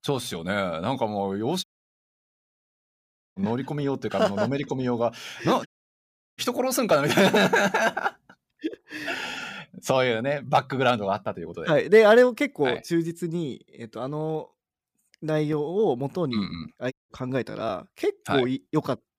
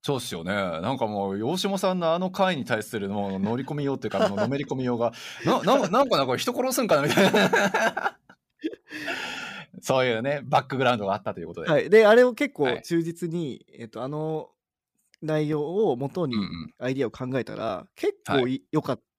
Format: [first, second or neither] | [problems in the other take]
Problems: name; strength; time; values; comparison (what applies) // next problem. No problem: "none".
second | audio cutting out; at 1.5 s for 1.5 s, at 5.5 s for 0.5 s and at 17 s